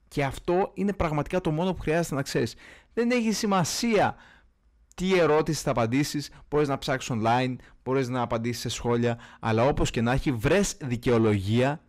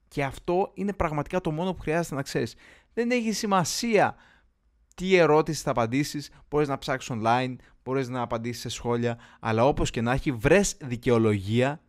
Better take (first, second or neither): second